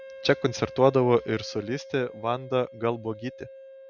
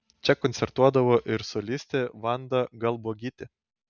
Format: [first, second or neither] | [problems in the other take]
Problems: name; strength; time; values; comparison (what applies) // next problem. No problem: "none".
second | background sound (Wind instrument, woodwind instrument); 17 dB below the speech